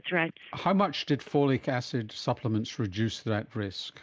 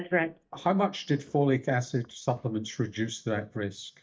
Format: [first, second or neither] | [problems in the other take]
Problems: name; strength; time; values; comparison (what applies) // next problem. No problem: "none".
first | noise reduction (neural mask model DeepFilterNet 3)